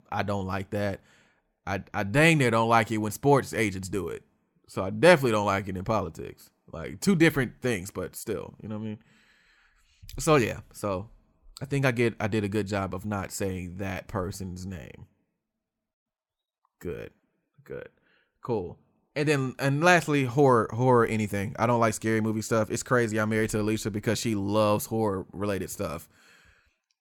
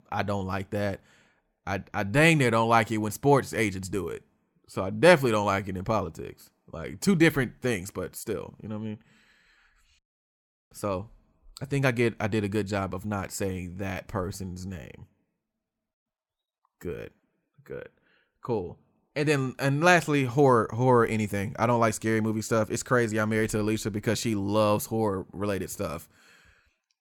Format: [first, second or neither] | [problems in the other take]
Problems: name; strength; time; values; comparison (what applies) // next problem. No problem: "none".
first | audio cutting out; at 10 s for 0.5 s